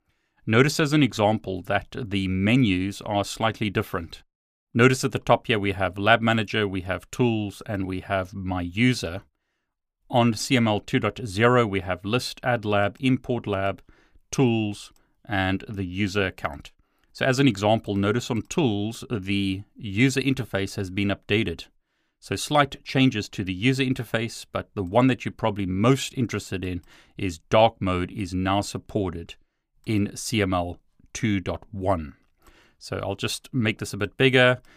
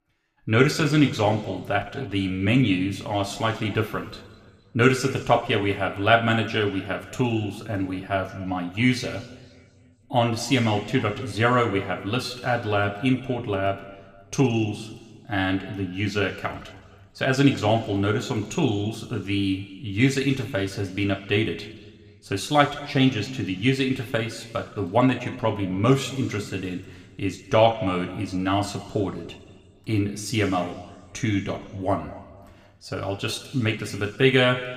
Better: first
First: none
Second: room echo; slight; dies away in 1.3 s

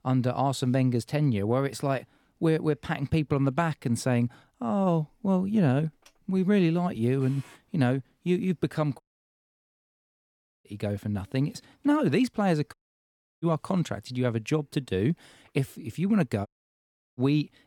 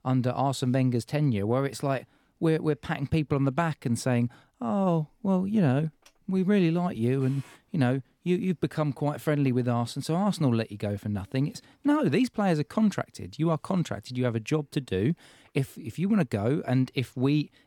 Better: second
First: audio cutting out; at 9 s for 1.5 s, at 13 s for 0.5 s and at 16 s for 0.5 s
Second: none

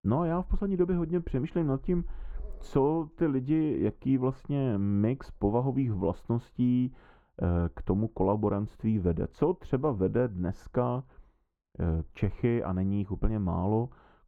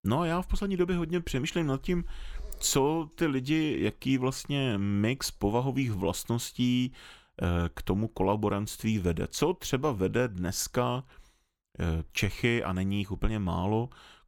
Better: second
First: muffled; very; fading above 2.5 kHz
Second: none

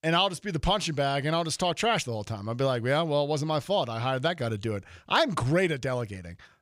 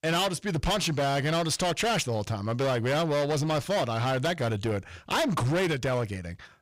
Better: first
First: none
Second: distortion; heavy; 23% of the sound clipped

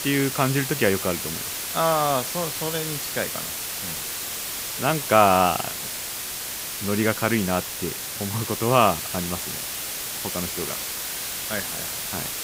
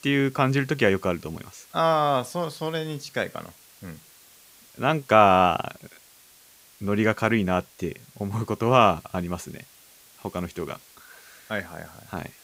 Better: second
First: hiss; loud; throughout; 4 dB below the speech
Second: hiss; faint; throughout; 25 dB below the speech

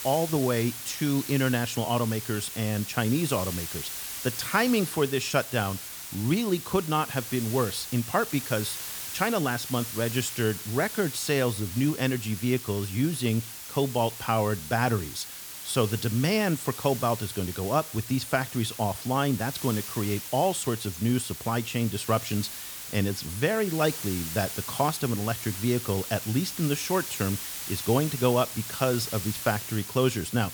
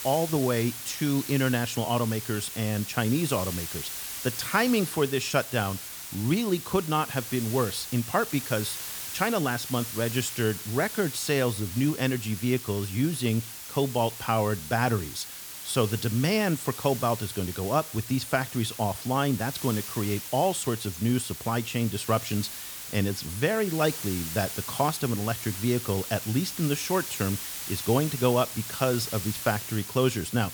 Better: neither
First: hiss; loud; throughout; 7 dB below the speech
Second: hiss; loud; throughout; 7 dB below the speech

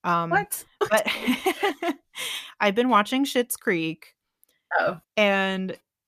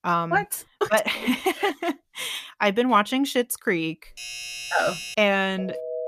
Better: first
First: none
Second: doorbell; noticeable; from 4 to 5 s; peak 8 dB below the speech // phone ringing; noticeable; at 5.5 s; peak 8 dB below the speech

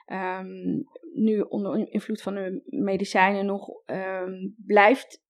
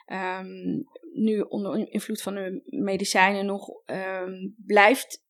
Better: second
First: muffled; slightly; fading above 2 kHz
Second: none

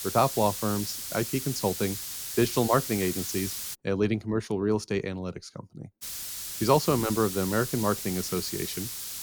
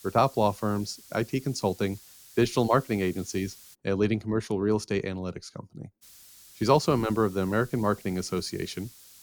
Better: second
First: hiss; loud; until 3.5 s and from 6 s on; 5 dB below the speech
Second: hiss; faint; until 3.5 s and from 6 s on; 20 dB below the speech

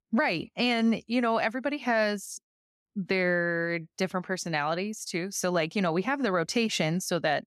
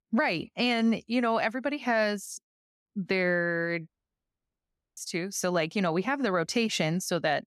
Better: first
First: none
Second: audio cutting out; at 4 s for 1 s

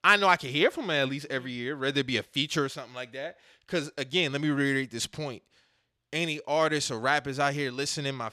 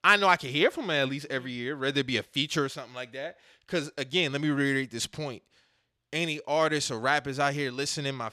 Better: neither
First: none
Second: none

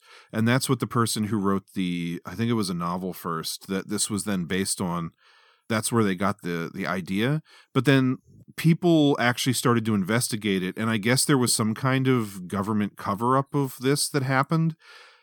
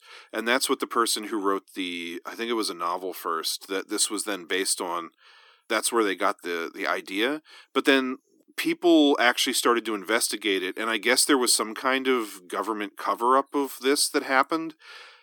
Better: first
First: none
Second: thin; somewhat; fading below 300 Hz

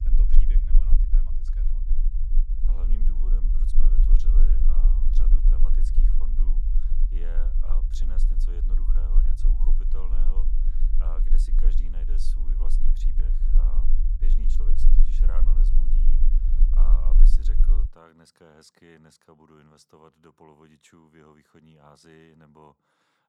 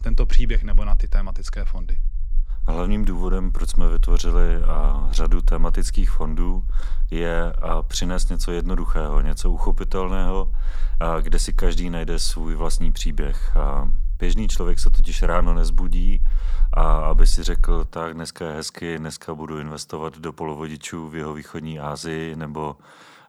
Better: second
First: low rumble; loud; until 18 s; 1 dB below the speech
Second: low rumble; faint; until 18 s; 25 dB below the speech

